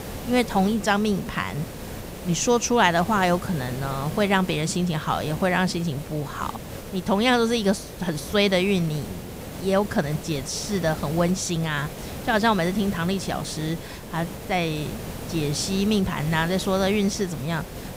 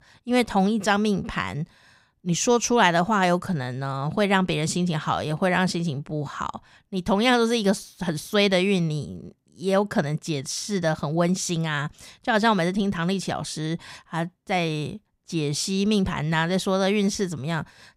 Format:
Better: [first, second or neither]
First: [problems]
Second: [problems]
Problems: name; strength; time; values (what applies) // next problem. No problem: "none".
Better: second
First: hiss; noticeable; throughout; 10 dB below the speech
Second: none